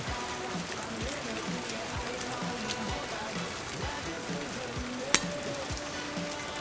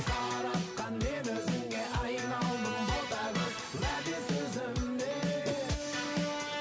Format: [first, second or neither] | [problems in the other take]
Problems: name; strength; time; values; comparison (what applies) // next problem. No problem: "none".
second | background sound (Rain + Shatter); as loud as the speech